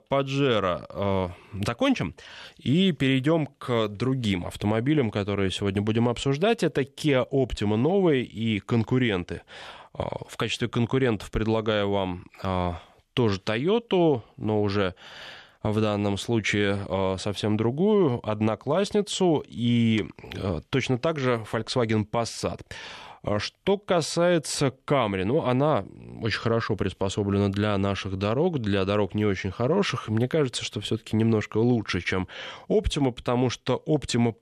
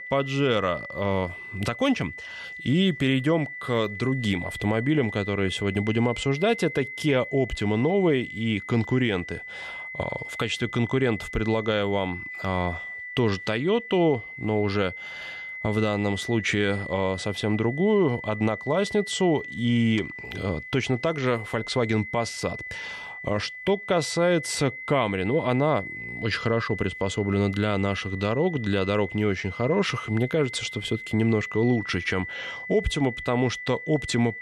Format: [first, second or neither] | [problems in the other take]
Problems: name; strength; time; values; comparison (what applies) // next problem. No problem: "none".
first | high-pitched whine; loud; throughout; 2 kHz, 10 dB below the speech